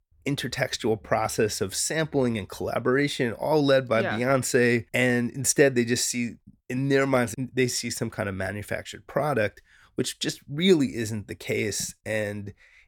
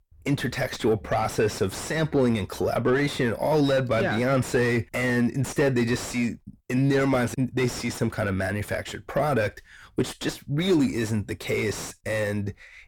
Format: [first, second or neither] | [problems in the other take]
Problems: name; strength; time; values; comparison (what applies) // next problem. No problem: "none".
first | distortion; heavy; 6 dB below the speech